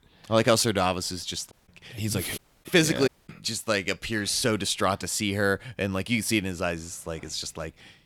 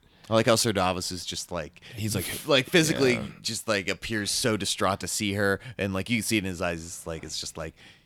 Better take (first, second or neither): second